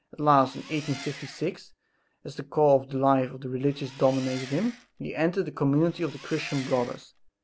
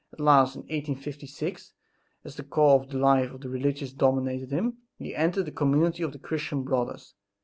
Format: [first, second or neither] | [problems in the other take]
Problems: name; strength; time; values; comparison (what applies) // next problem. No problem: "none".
second | background sound (Engine); 17 dB below the speech